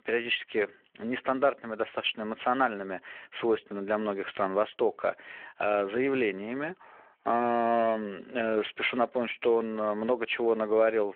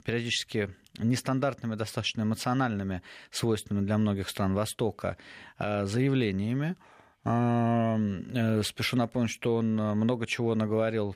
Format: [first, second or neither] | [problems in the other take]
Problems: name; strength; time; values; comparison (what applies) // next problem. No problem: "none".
second | phone-call audio